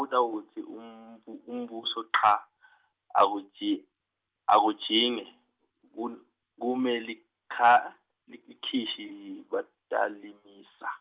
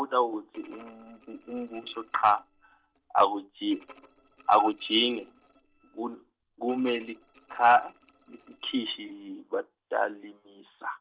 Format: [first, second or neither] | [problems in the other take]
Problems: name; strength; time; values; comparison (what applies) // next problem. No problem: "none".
first | noise reduction (neural separator model SepFormer DNS4)